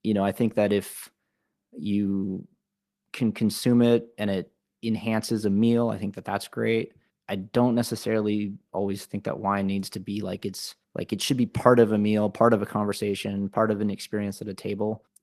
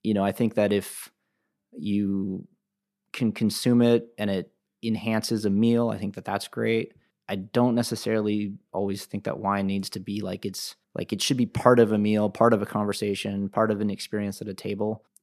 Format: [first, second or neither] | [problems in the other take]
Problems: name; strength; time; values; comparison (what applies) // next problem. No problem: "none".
second | garbled, watery; slightly; nothing above 14 kHz